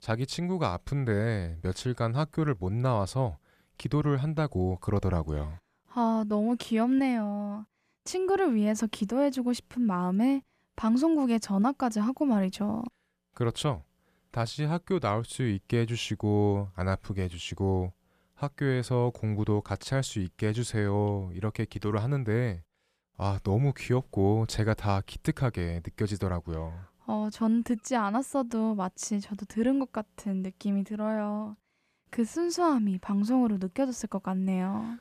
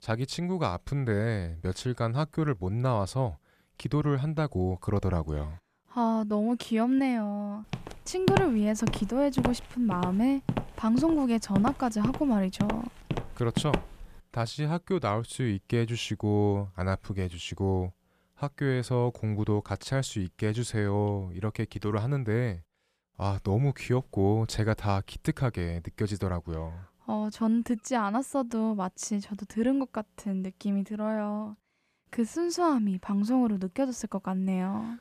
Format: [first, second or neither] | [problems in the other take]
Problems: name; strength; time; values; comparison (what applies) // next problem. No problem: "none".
first | footsteps; loud; from 7.5 to 14 s; peak 1 dB above the speech